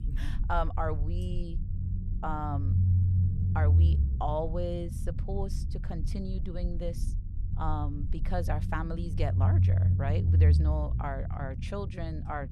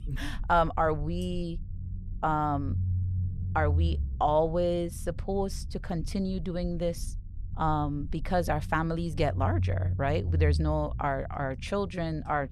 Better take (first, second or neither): second